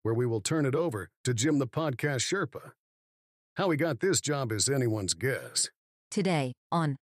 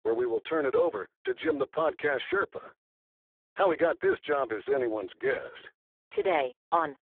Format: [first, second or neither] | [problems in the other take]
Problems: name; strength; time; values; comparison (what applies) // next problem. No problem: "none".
first | phone-call audio; poor line